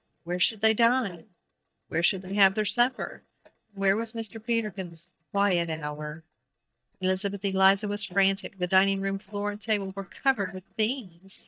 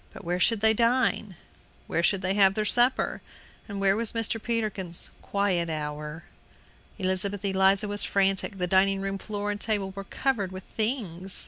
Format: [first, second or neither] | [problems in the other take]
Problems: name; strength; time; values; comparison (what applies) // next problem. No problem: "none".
second | noise reduction (neural mask model DeepFilterNet 3)